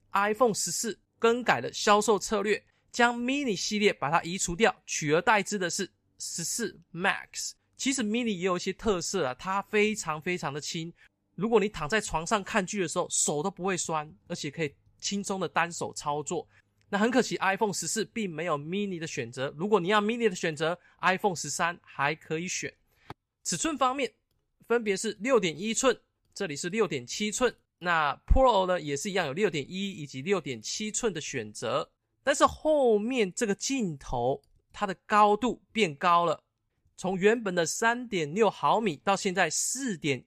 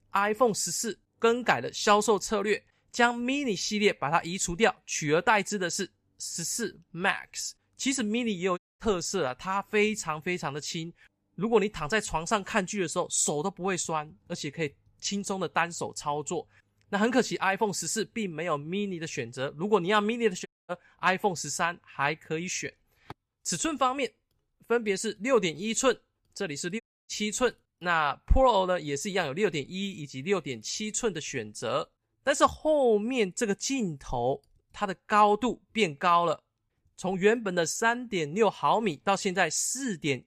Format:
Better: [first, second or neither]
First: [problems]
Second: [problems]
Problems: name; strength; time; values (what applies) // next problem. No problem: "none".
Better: first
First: none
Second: audio cutting out; at 8.5 s, at 20 s and at 27 s